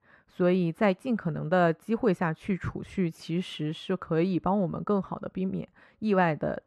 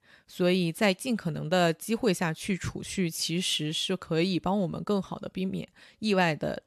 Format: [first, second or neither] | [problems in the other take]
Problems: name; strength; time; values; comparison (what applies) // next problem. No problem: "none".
second | muffled; very; fading above 2.5 kHz